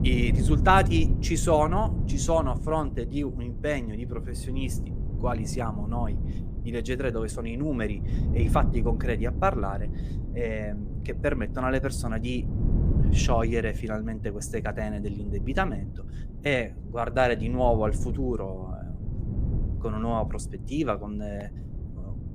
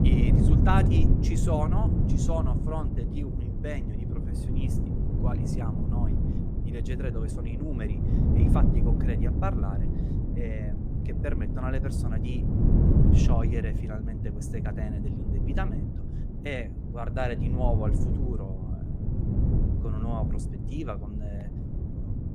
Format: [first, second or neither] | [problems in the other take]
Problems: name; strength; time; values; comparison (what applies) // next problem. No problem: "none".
first | wind noise on the microphone; heavy; 1 dB below the speech; occasional gusts in the first